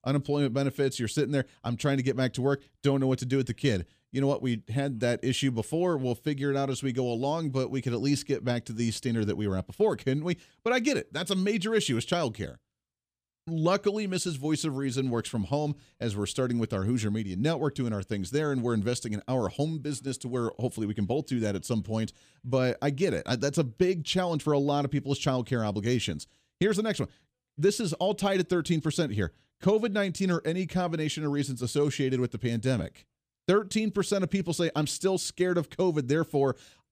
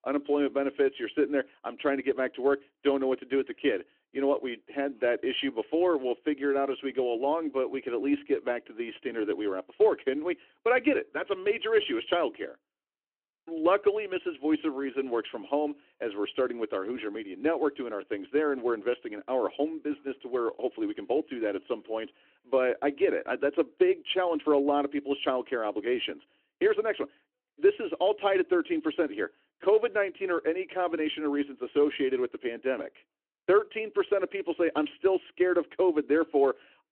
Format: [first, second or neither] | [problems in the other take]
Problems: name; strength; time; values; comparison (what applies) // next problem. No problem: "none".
first | phone-call audio